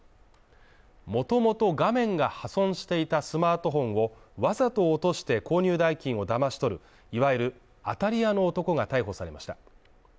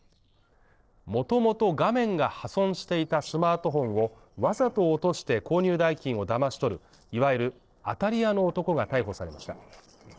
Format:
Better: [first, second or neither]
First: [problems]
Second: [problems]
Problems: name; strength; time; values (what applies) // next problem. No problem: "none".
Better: first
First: none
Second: noise reduction (neural separator model SepFormer DNS4)